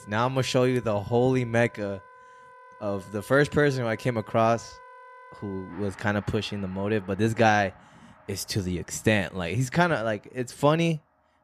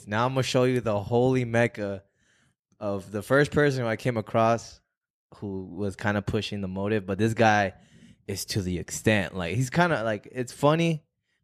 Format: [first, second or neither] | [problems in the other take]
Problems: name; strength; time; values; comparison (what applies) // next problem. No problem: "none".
second | background music; faint; throughout; 25 dB below the speech